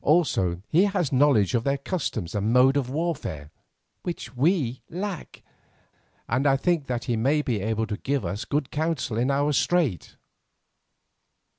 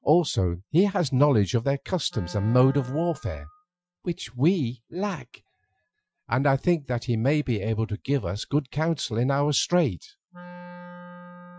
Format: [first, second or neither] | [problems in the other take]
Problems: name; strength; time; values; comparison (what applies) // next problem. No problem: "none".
first | noise reduction (classical method Wiener filter)